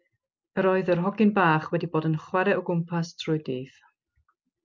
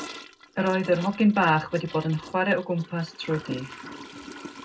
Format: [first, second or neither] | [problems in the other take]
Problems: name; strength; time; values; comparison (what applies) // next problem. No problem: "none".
first | background sound (Toilet flush / Gurgling); 16 dB below the speech // room echo; dies away in 0.3 s